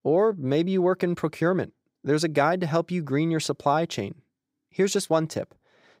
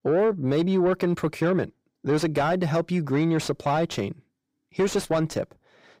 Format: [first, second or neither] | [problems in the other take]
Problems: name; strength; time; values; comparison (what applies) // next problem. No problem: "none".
first | distortion; slight; 10 dB below the speech